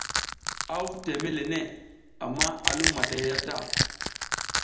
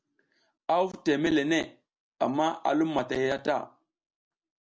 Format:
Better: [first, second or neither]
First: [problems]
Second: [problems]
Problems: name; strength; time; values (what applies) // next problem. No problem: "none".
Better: second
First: background sound (Crack / Crushing); 2 dB above the speech // room echo; dies away in 0.8 s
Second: none